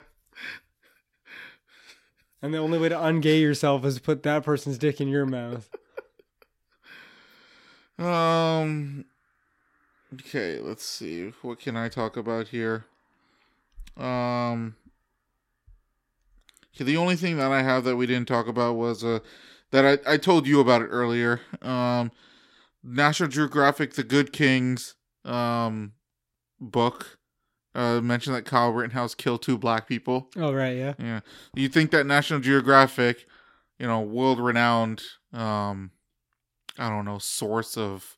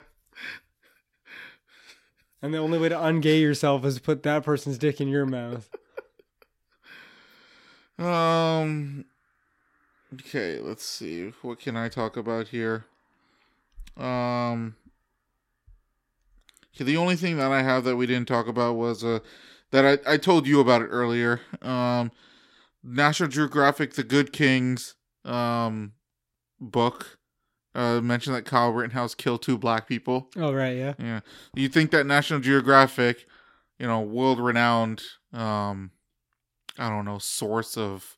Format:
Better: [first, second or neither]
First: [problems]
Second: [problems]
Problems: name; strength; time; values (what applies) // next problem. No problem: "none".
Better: neither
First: none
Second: none